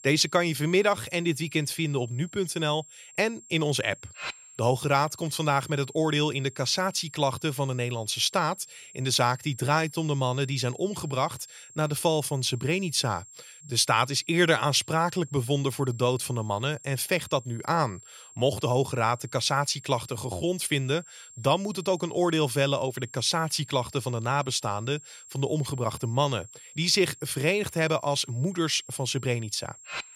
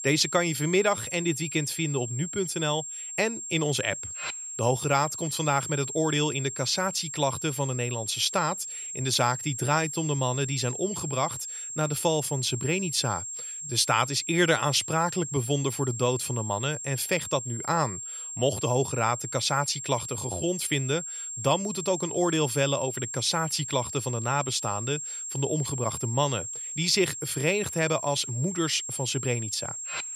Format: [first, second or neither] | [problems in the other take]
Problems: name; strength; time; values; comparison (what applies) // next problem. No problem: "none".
first | high-pitched whine; loud; throughout; 7.5 kHz, 6 dB below the speech; faint in the first